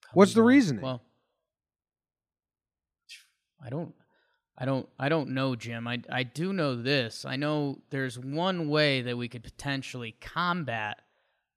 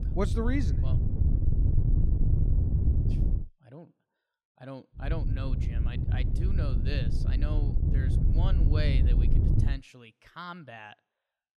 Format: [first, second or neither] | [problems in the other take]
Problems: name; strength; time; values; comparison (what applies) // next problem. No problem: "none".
first | wind noise on the microphone; heavy; until 3.5 s and from 5 to 9.5 s; 2 dB below the speech